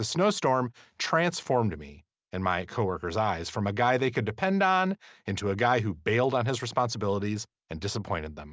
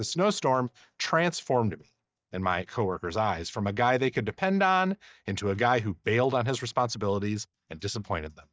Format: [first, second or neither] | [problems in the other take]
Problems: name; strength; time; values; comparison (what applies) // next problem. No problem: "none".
first | noise reduction (neural mask model DeepFilterNet 3)